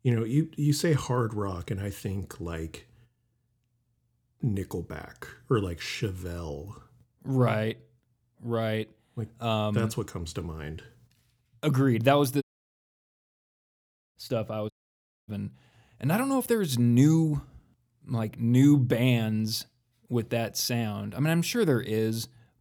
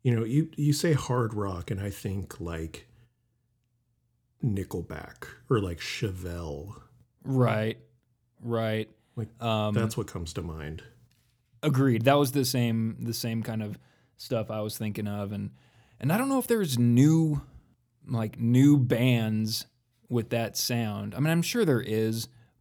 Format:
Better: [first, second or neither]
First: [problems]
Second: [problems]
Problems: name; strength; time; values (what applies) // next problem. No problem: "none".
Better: second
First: audio cutting out; at 12 s for 1.5 s and at 15 s for 0.5 s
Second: none